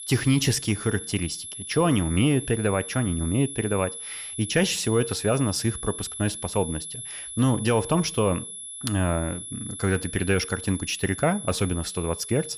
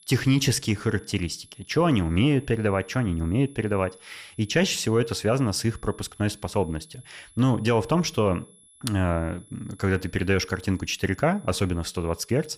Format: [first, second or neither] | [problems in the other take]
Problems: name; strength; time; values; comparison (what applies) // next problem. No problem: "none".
second | high-pitched whine; loud; throughout; 11 kHz, 9 dB below the speech; faint in the second